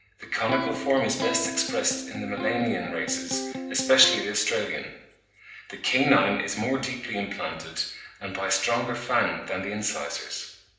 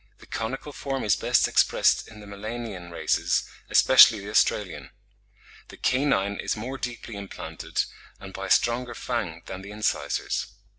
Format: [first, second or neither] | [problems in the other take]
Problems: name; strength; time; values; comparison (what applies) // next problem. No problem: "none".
second | background sound (Electric guitar); 6 dB below the speech // room echo; dies away in 0.8 s